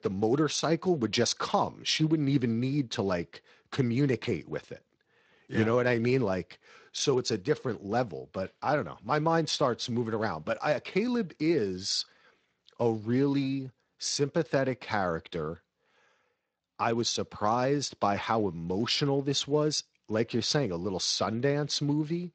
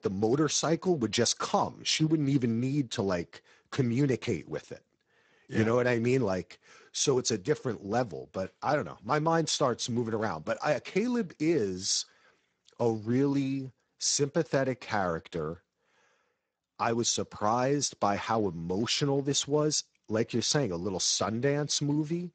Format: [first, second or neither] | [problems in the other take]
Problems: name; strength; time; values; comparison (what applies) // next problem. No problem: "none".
first | garbled, watery; badly; nothing above 7.5 kHz; slightly in the first